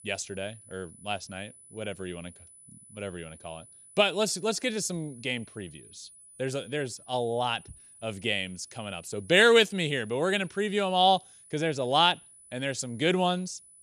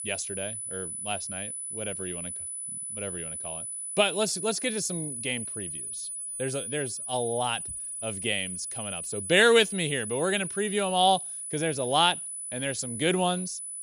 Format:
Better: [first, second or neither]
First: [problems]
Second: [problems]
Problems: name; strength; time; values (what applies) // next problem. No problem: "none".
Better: first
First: high-pitched whine; faint; throughout; 10 kHz, 25 dB below the speech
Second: high-pitched whine; loud; throughout; 10 kHz, 6 dB below the speech